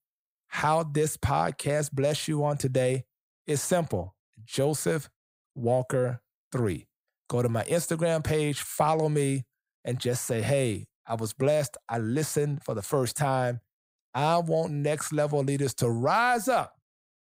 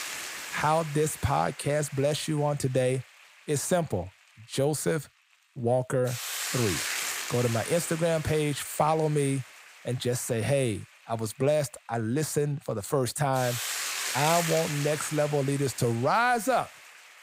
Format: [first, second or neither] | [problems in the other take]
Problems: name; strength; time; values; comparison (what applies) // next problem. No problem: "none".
first | hiss; loud; throughout; 6 dB below the speech